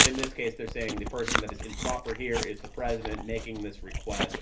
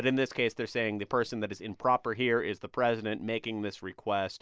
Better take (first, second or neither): second